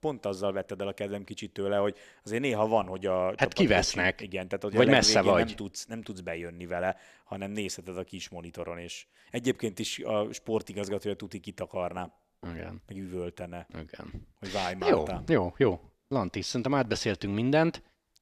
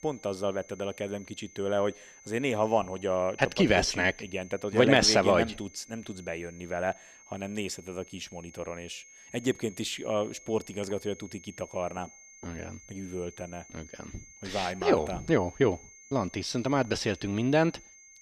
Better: first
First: none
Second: high-pitched whine; faint; throughout; 6.5 kHz, 20 dB below the speech

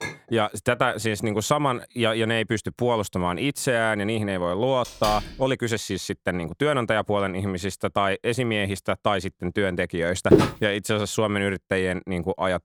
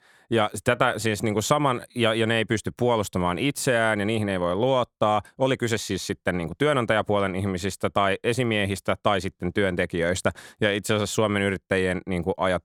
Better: second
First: clattering dishes; noticeable; at the start; peak 10 dB below the speech // door banging; noticeable; at 5 s; peak 7 dB below the speech // footsteps; loud; at 10 s; peak 6 dB above the speech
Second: none

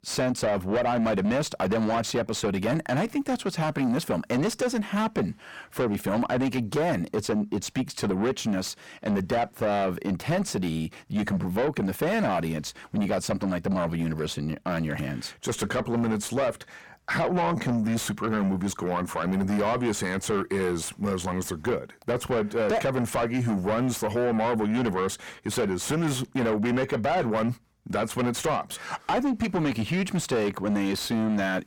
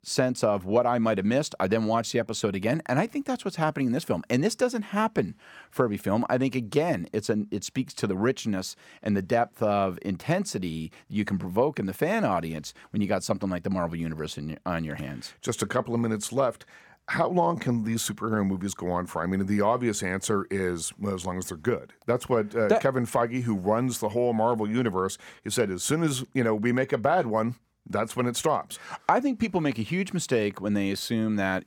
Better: second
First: distortion; heavy; 7 dB below the speech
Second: none

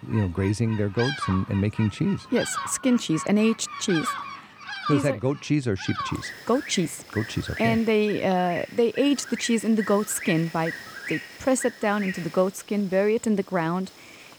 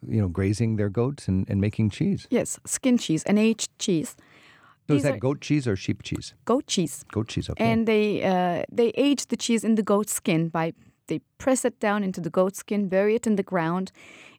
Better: second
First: animal sounds; loud; throughout; 10 dB below the speech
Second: none

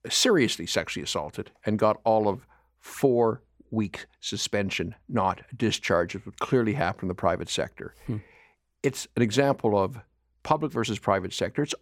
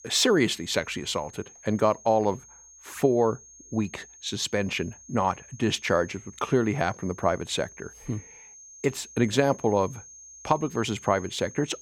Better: first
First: none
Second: high-pitched whine; noticeable; throughout; 6.5 kHz, 20 dB below the speech

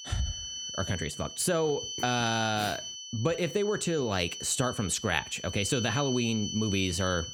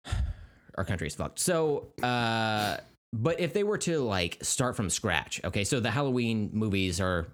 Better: second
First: high-pitched whine; loud; throughout; 3 kHz, 7 dB below the speech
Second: none

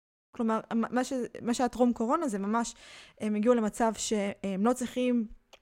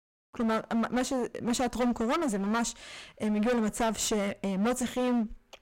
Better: first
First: none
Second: distortion; heavy; 20% of the sound clipped

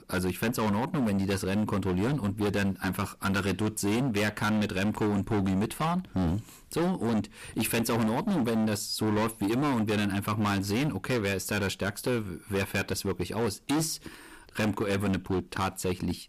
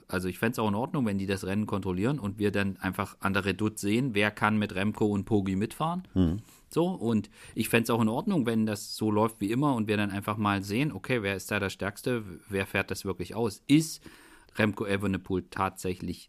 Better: second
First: distortion; heavy; 23% of the sound clipped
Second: none

